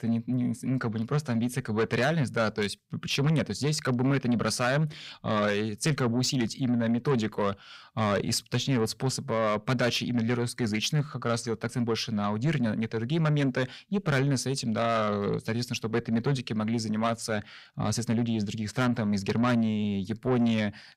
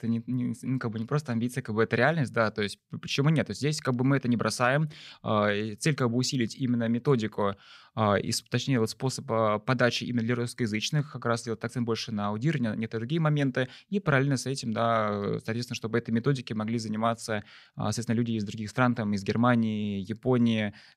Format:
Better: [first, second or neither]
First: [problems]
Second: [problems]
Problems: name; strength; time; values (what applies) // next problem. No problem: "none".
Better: second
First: distortion; slight; 10 dB below the speech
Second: none